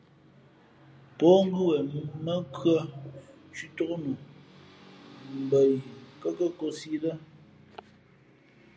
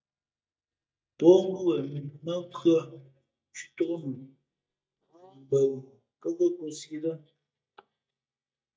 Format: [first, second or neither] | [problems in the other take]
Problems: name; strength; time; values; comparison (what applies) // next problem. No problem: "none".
first | noise reduction (neural mask model DeepFilterNet 3)